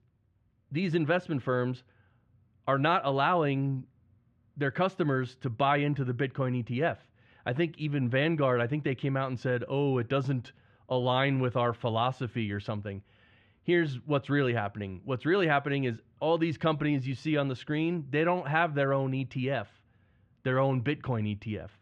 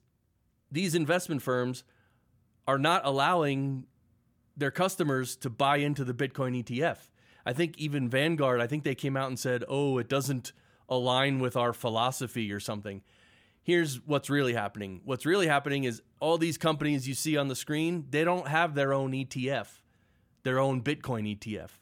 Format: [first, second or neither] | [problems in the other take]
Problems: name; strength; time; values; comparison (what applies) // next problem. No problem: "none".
second | muffled; slightly; fading above 3 kHz